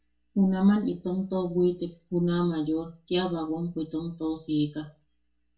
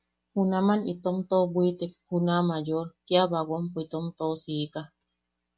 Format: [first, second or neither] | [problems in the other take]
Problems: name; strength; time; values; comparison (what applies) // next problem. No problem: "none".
second | room echo; dies away in 0.2 s